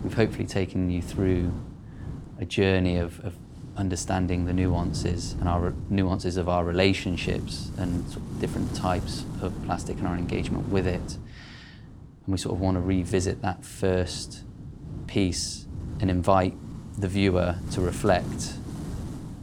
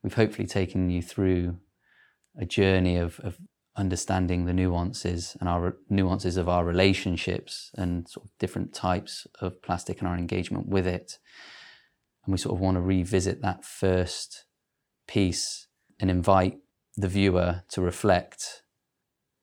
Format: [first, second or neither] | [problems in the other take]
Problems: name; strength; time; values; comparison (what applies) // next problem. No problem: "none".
second | wind noise on the microphone; occasional gusts; 15 dB below the speech